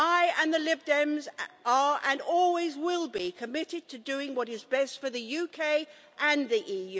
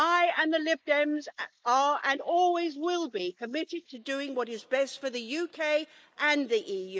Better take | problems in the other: first | noise reduction (neural mask model Resemble Enhance denoiser)

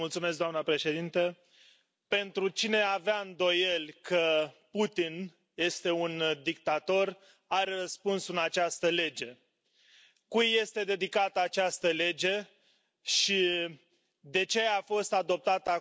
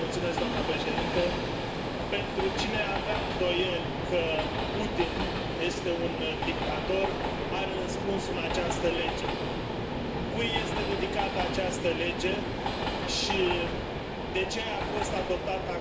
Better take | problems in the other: first | background sound (Train); 2 dB above the speech // room echo; dies away in 0.5 s

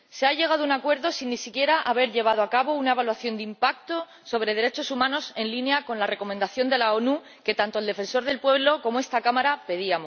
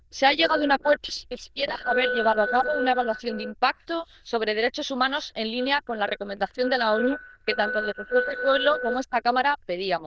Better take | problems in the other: first | noise reduction (neural diffusion model UNIVERSE++)

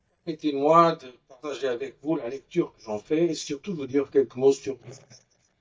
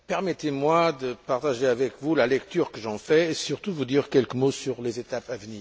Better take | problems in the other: second | noise reduction (neural mask model DeepFilterNet 3)

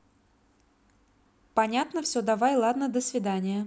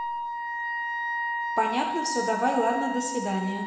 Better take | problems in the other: first | background sound (Wind instrument, woodwind instrument); 2 dB below the speech // room echo; dies away in 0.9 s

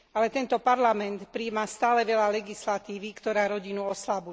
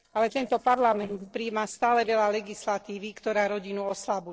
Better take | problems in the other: first | noise reduction (neural separator model SepFormer DNS4)

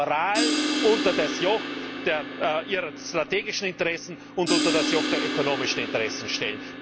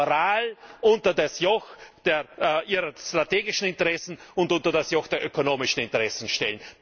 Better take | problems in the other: second | background sound (Crash cymbal); 2 dB below the speech

